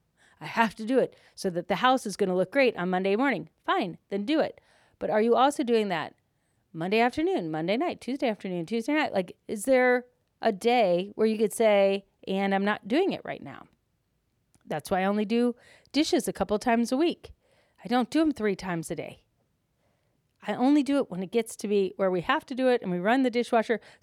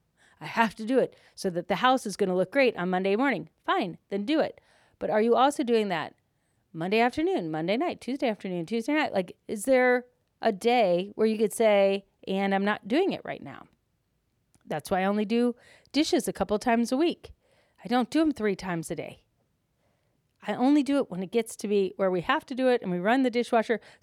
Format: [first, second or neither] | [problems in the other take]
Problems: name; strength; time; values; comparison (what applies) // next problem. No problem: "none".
neither | none